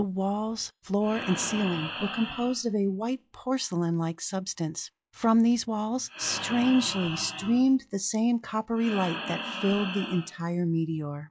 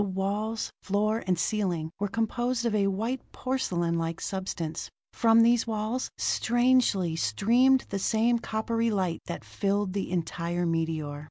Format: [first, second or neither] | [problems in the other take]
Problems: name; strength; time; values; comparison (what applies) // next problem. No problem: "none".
second | noise reduction (classical method log-MMSE)